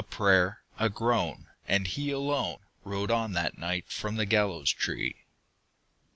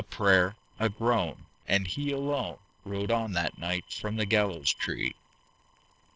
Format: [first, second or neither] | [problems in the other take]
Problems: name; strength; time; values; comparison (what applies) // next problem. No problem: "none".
first | noise reduction (neural separator model SepFormer DNS4)